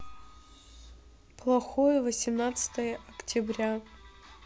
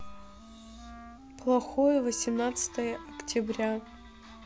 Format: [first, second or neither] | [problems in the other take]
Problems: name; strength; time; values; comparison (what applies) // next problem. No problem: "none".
first | background sound (Wind instrument, woodwind instrument); 18 dB below the speech